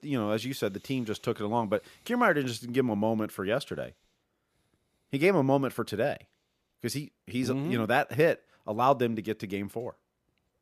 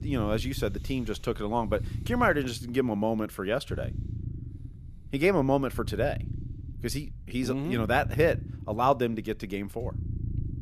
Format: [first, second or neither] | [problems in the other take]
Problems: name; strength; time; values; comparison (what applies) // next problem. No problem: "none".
first | low rumble; faint; throughout; 20 dB below the speech